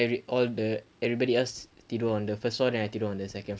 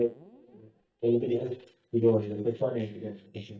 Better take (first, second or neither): first